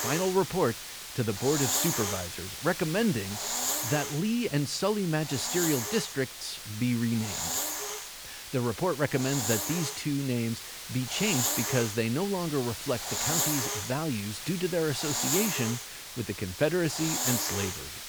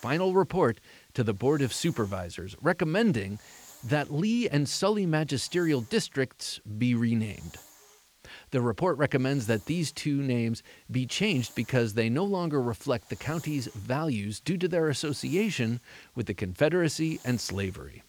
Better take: second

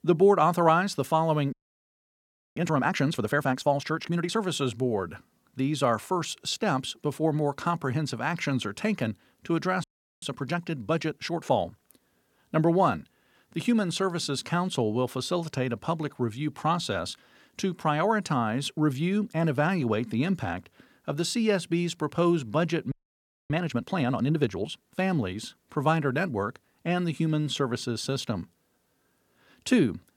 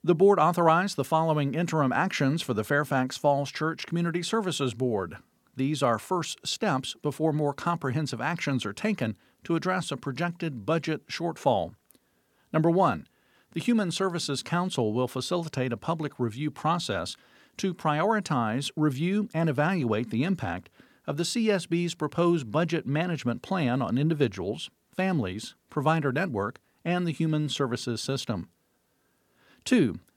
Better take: second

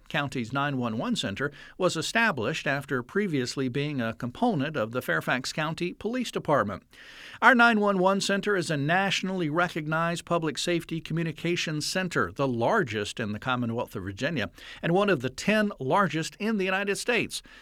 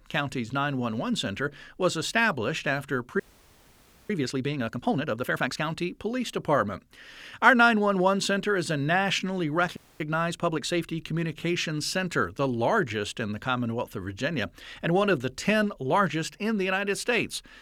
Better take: first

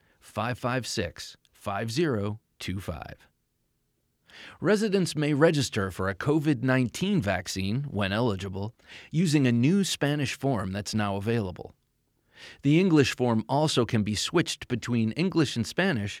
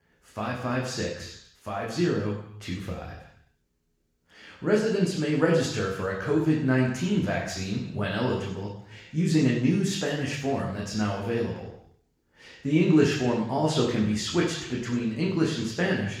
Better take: first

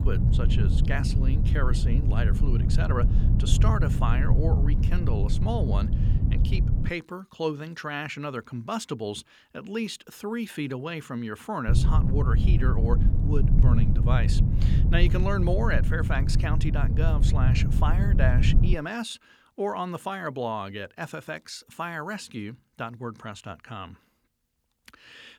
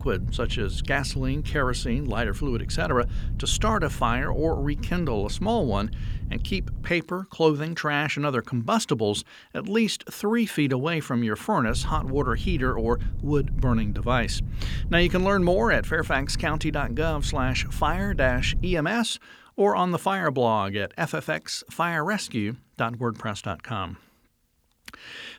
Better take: second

